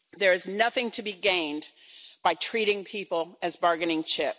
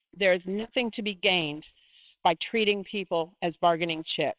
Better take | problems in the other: first | noise reduction (neural separator model SepFormer WHAMR!)

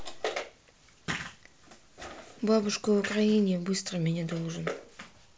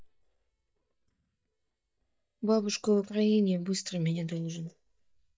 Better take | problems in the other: first | noise reduction (neural mask model DeepFilterNet 3)

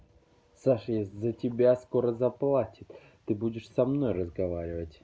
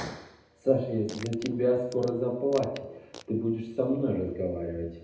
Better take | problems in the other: first | background sound (Fart); 19 dB below the speech // room echo; dies away in 0.8 s

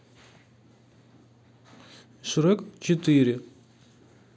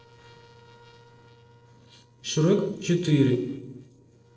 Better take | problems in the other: first | noise reduction (neural separator model SepFormer DNS4)

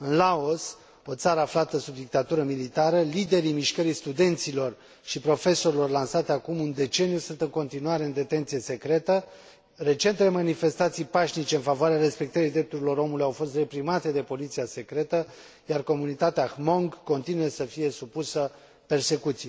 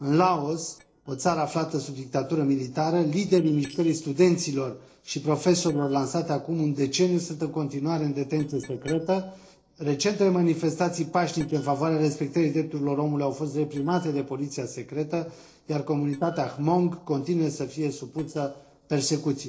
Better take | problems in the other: first | noise reduction (neural separator model SepFormer DNS4)

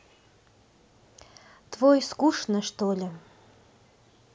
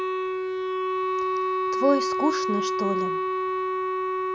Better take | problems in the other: first | background sound (Wind instrument, woodwind instrument); 4 dB above the speech

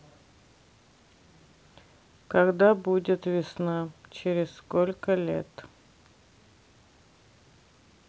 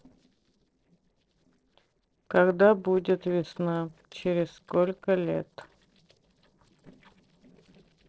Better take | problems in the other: first | noise reduction (neural separator model SepFormer DNS4)

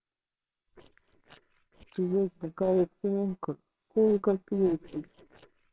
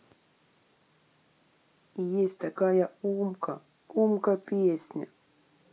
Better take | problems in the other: second | noise reduction (neural separator model SepFormer WHAMR!)

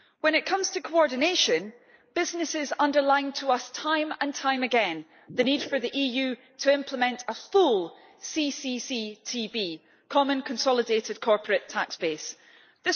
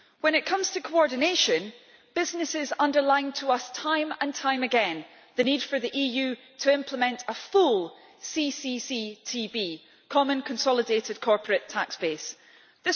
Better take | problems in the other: second | noise reduction (neural mask model Resemble Enhance denoiser)

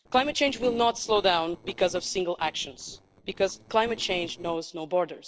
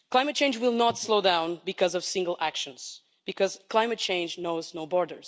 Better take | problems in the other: second | noise reduction (neural separator model SepFormer DNS4)

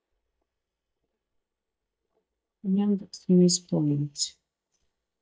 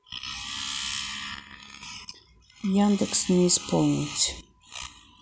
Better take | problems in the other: second | noise reduction (neural mask model DeepFilterNet 3)

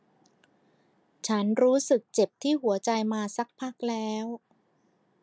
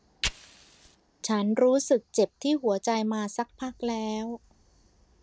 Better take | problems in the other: first | background sound (Fire); 16 dB below the speech

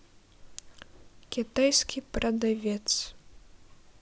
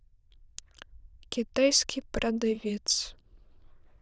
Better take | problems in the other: first | noise reduction (neural diffusion model UNIVERSE++)

